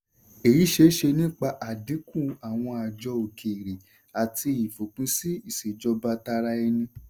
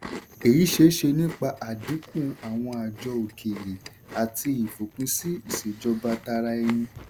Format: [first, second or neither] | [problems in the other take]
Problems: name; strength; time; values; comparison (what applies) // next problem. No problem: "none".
first | background sound (Chewing, mastication); 17 dB below the speech